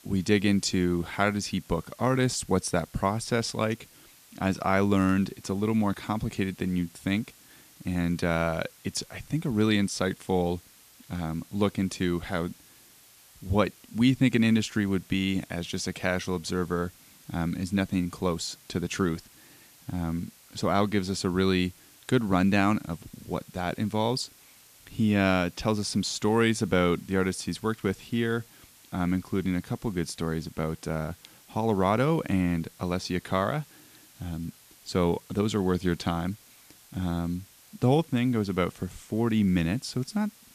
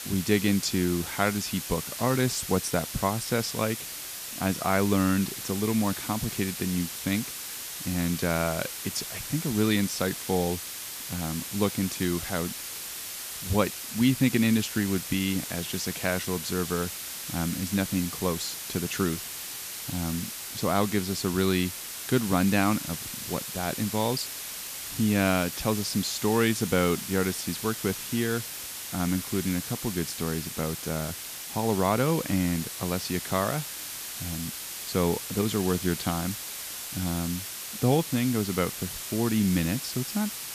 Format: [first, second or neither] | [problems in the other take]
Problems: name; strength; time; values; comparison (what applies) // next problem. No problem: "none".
first | hiss; loud; throughout; 6 dB below the speech; faint in the first